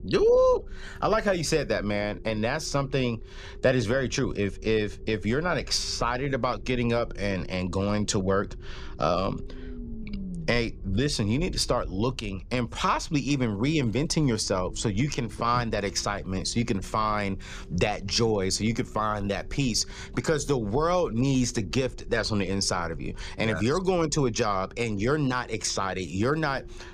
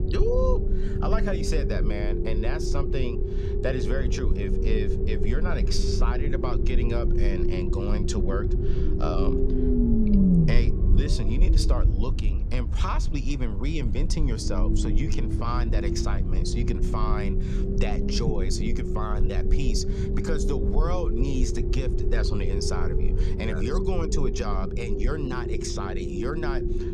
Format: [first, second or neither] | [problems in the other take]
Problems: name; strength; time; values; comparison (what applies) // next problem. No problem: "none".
first | low rumble; loud; throughout; 1 dB below the speech; faint in the first